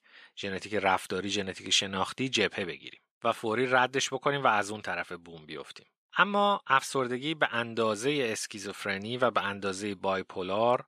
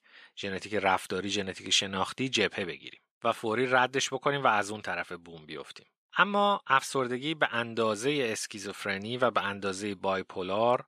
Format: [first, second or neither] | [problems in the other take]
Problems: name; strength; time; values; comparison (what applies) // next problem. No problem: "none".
neither | thin; somewhat; fading below 850 Hz; the same in both